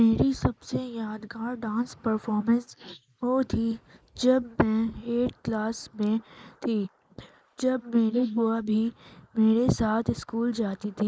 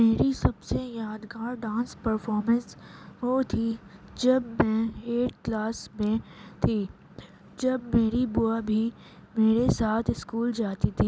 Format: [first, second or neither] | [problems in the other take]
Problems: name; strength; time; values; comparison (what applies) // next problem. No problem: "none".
second | noise reduction (neural mask model Resemble Enhance denoiser)